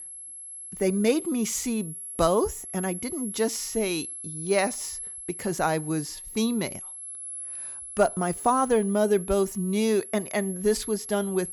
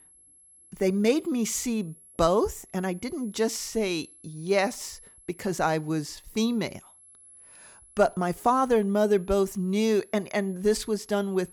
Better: second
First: high-pitched whine; loud; throughout; 11 kHz, 9 dB below the speech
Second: high-pitched whine; faint; throughout; 11 kHz, 25 dB below the speech

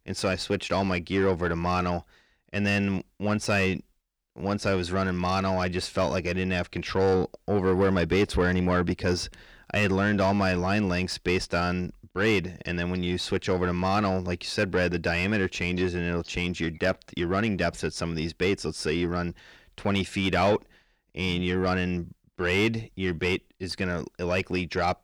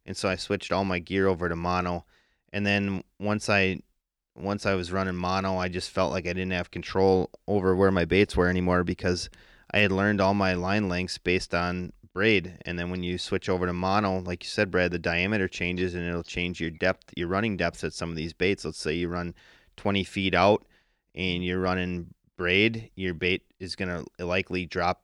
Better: second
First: distortion; slight; 10 dB below the speech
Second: none

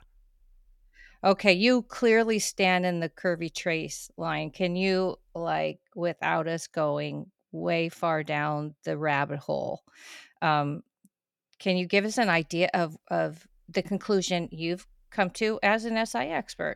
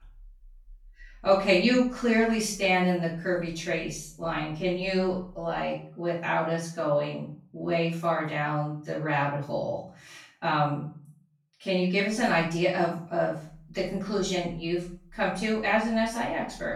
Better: first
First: none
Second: off-mic speech; far // room echo; noticeable; dies away in 0.4 s

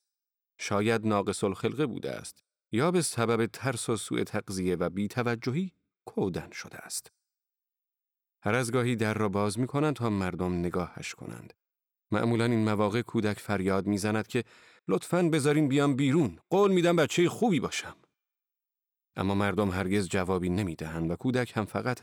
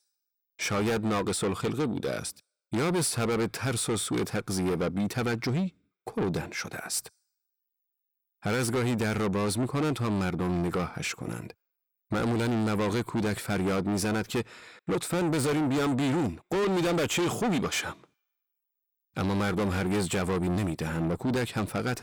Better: first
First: none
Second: distortion; heavy; 6 dB below the speech

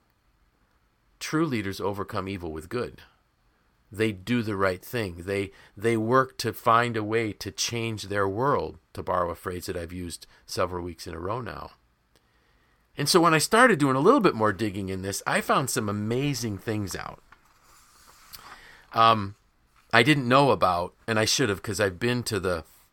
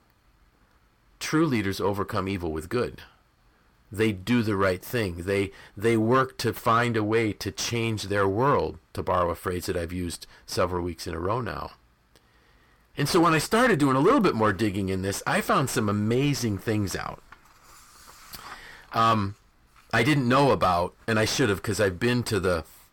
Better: first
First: none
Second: distortion; heavy; 8 dB below the speech

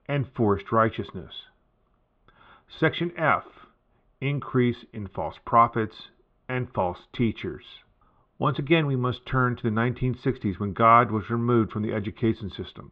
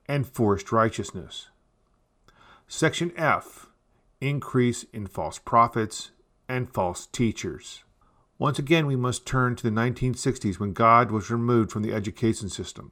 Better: second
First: muffled; very; fading above 3.5 kHz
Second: none

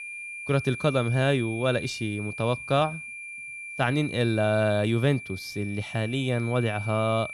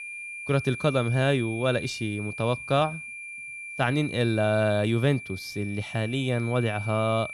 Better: neither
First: high-pitched whine; loud; throughout; 2.5 kHz, 10 dB below the speech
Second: high-pitched whine; loud; throughout; 2.5 kHz, 10 dB below the speech

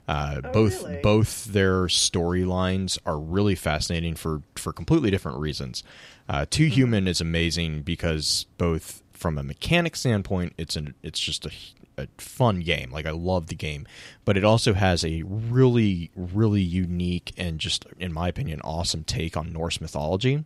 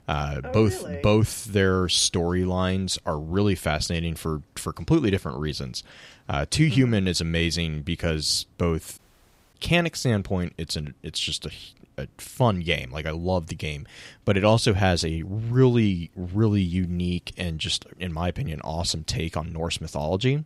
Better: first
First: none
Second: audio cutting out; at 9 s for 0.5 s

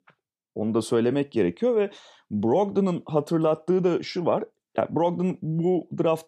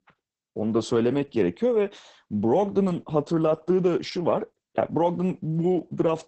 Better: first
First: none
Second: garbled, watery; badly; nothing above 8 kHz

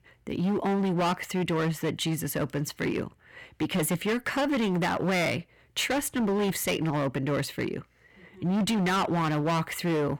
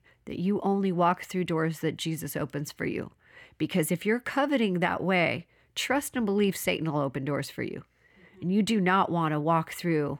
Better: second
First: distortion; heavy; 19% of the sound clipped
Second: none

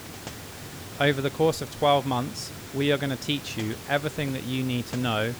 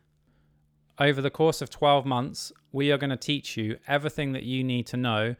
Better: second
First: hiss; noticeable; throughout; 10 dB below the speech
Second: none

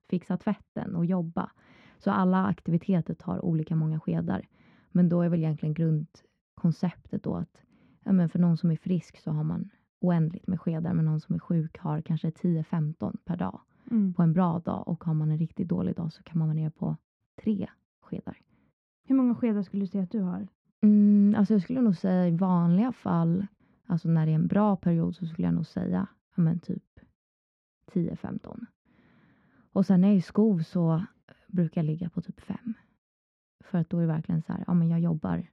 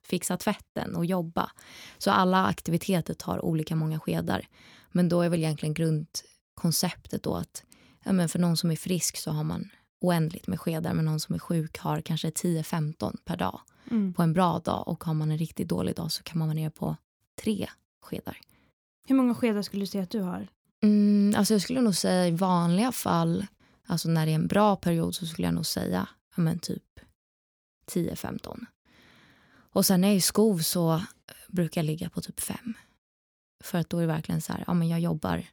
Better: second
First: muffled; very; fading above 2 kHz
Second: none

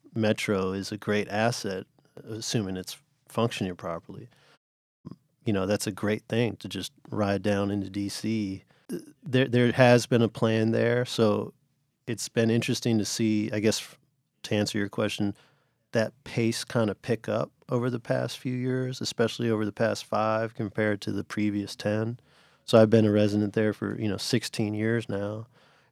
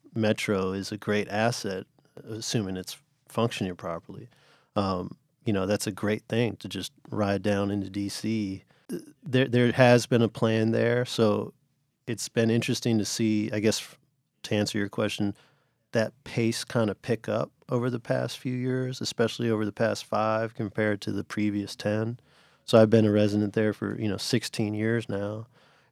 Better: second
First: audio cutting out; at 4.5 s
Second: none

